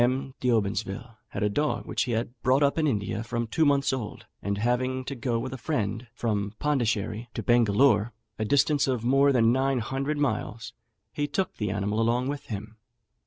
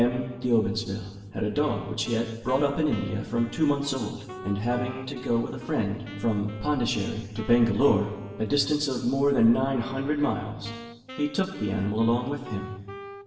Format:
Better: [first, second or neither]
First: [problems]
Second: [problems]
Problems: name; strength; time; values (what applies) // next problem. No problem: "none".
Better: first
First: none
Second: background sound (Wind instrument, woodwind instrument); 17 dB below the speech // room echo; dies away in 1.2 s